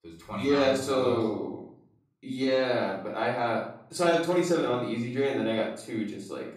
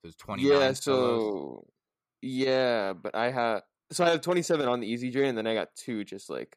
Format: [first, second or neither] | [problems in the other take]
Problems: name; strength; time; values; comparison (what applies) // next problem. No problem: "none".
second | off-mic speech; far // room echo; noticeable; dies away in 0.6 s